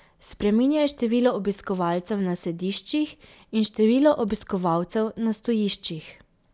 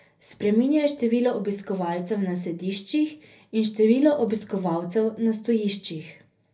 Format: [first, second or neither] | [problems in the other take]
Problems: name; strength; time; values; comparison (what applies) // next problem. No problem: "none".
first | room echo; dies away in 0.3 s